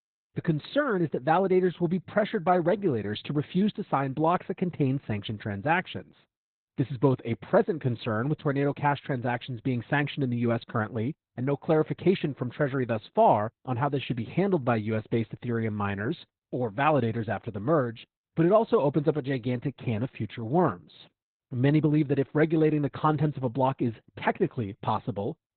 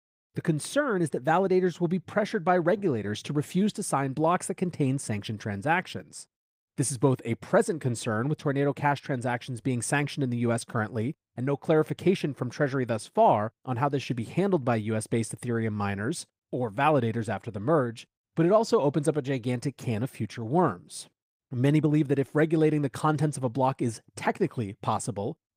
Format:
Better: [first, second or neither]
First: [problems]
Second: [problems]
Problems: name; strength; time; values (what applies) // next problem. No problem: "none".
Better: second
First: garbled, watery; badly; nothing above 4 kHz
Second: garbled, watery; slightly; nothing above 15.5 kHz